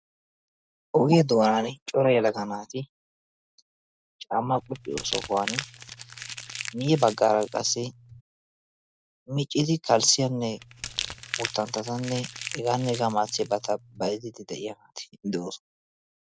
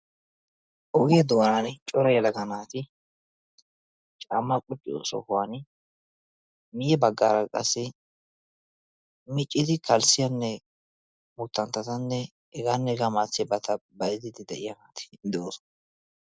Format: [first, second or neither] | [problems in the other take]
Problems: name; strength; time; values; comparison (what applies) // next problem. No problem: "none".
second | background sound (Crumpling, crinkling); 11 dB below the speech